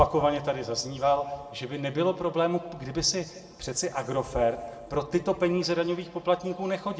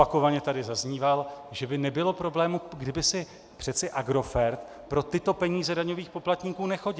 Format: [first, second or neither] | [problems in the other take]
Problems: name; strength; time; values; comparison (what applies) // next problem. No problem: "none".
second | room echo; dies away in 1.2 s